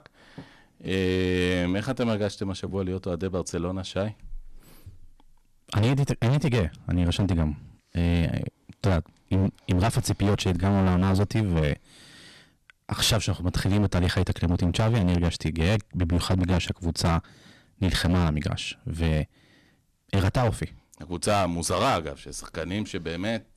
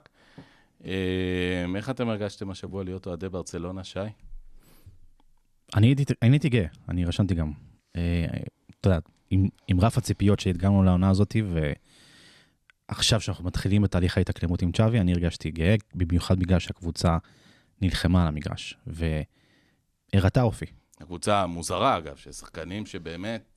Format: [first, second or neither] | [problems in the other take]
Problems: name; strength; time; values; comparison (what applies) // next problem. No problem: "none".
second | distortion; heavy; 15% of the sound clipped